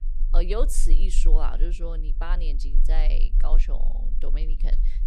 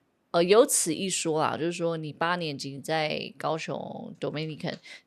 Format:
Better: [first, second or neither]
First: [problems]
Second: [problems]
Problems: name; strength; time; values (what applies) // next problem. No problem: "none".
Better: second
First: low rumble; noticeable; throughout; 15 dB below the speech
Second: none